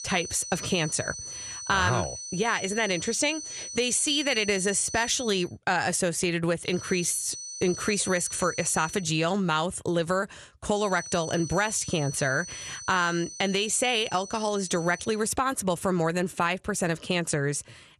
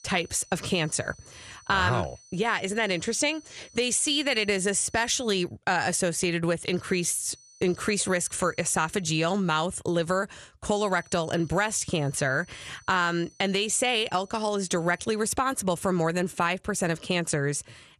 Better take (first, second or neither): second